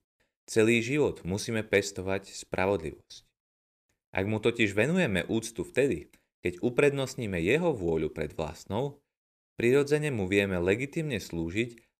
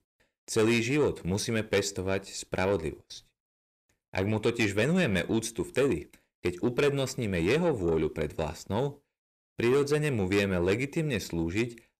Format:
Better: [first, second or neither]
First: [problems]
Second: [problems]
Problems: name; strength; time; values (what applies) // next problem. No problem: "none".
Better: first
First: none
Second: distortion; slight; 10 dB below the speech